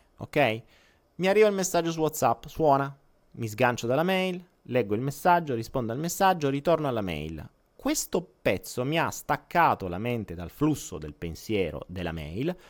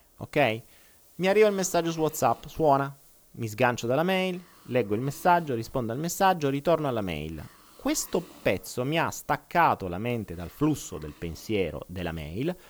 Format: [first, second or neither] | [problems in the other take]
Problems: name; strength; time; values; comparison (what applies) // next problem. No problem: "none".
first | hiss; faint; throughout; 25 dB below the speech